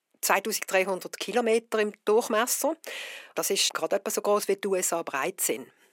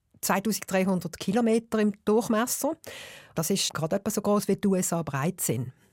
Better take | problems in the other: second | thin; somewhat; fading below 300 Hz

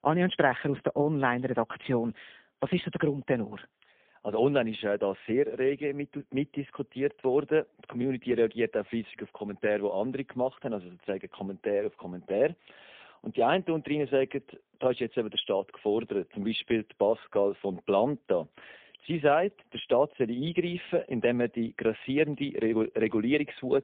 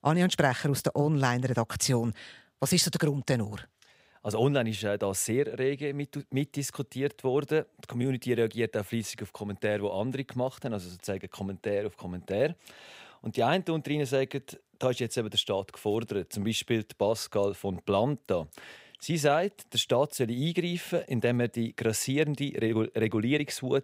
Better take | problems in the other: second | phone-call audio; poor line; nothing above 3.5 kHz

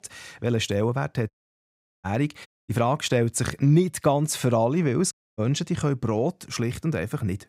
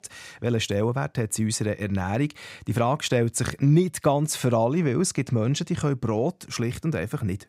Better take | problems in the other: second | audio cutting out; at 1.5 s for 0.5 s, at 2.5 s and at 5 s

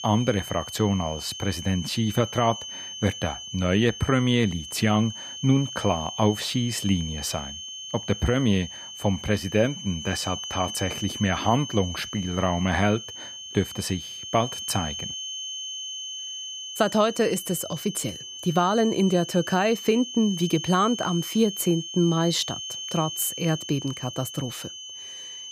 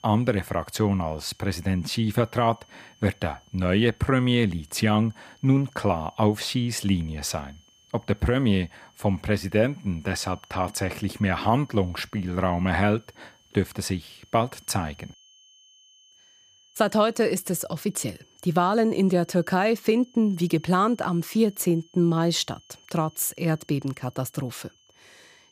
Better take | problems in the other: second | high-pitched whine; loud; throughout; 3 kHz, 9 dB below the speech; faint in the second

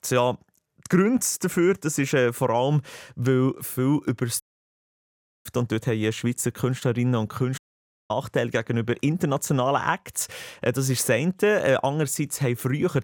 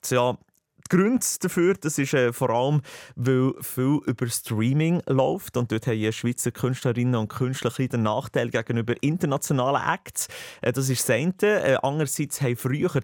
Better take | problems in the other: second | audio cutting out; at 4.5 s for 1 s and at 7.5 s for 0.5 s

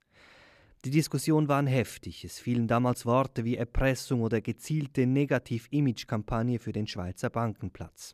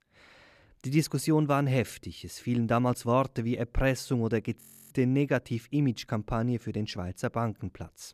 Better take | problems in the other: first | audio freezing; at 4.5 s

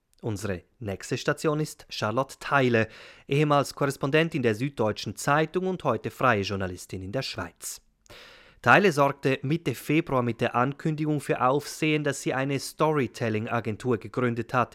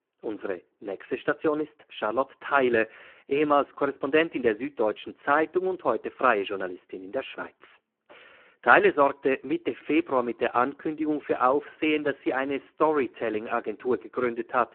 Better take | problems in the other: first | phone-call audio; poor line

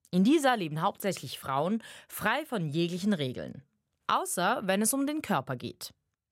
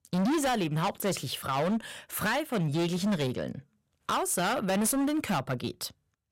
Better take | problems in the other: first | distortion; heavy; 18% of the sound clipped

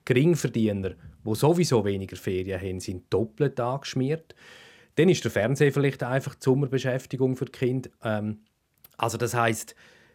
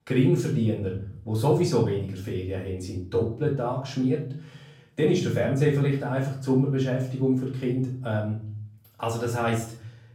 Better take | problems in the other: first | off-mic speech; far // room echo; noticeable; dies away in 0.7 s

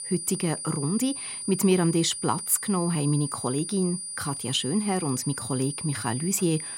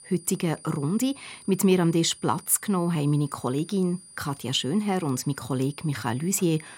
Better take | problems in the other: second | high-pitched whine; loud; throughout; 9.5 kHz, 6 dB below the speech; faint in the second

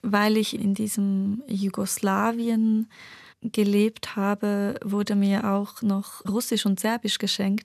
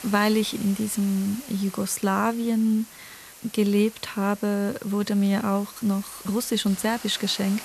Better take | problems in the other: first | hiss; noticeable; throughout; 15 dB below the speech

